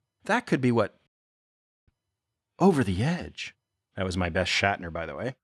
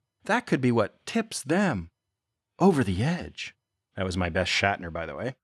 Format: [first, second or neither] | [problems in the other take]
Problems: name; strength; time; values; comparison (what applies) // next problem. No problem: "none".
second | audio cutting out; at 1 s for 1 s